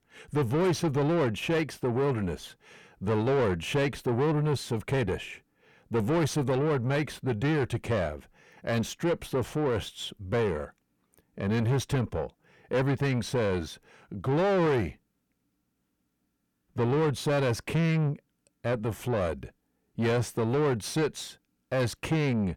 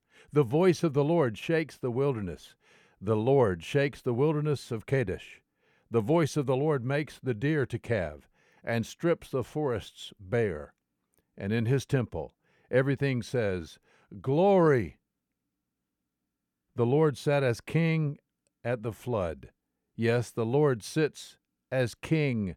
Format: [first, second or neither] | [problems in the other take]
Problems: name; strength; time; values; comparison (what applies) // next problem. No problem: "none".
second | distortion; heavy; 7 dB below the speech